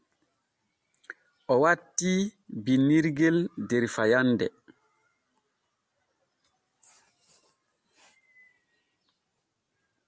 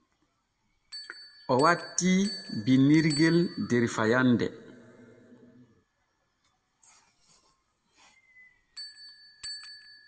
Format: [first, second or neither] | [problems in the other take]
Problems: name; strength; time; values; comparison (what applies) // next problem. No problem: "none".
first | background sound (Bell); 17 dB below the speech // room echo; dies away in 1.1 s